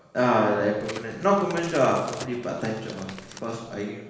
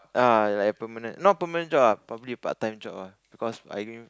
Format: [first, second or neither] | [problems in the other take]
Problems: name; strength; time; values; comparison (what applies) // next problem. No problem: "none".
second | background sound (Crack); 16 dB below the speech // room echo; dies away in 1.1 s